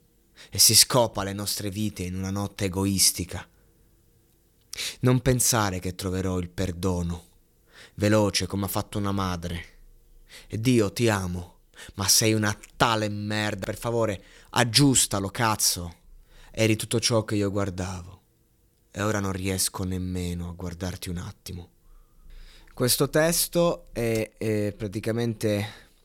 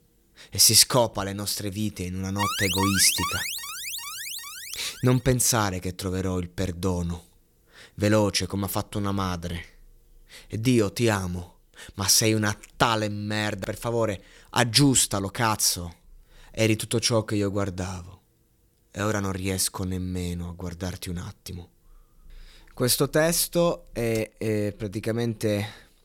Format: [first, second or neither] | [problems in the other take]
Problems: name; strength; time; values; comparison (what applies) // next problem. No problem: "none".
first | alarm; noticeable; from 2.5 to 5 s; peak 1 dB below the speech